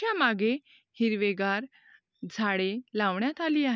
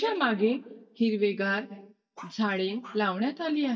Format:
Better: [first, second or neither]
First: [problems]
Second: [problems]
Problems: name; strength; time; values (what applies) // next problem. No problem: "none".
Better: first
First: none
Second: noise reduction (neural mask model DeepFilterNet 3)